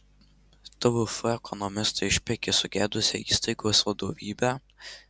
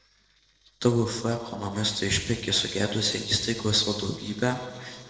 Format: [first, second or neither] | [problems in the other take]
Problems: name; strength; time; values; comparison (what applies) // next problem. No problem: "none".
first | noise reduction (neural separator model SepFormer DNS4)